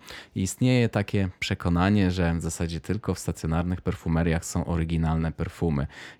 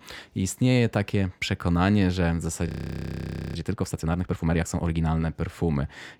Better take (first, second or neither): first